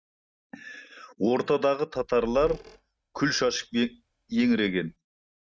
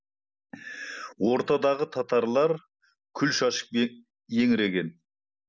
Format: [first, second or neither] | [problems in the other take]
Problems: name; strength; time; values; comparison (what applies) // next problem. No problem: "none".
second | noise reduction (neural mask model RNNoise)